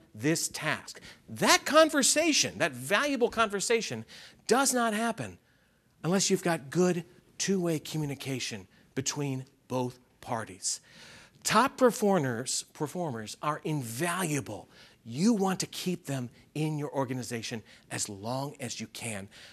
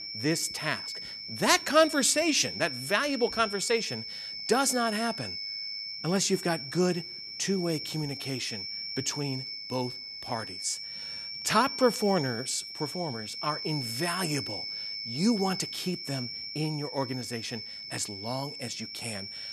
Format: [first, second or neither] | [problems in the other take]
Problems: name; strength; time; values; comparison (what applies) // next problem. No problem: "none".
first | high-pitched whine; loud; throughout; 5.5 kHz, 6 dB below the speech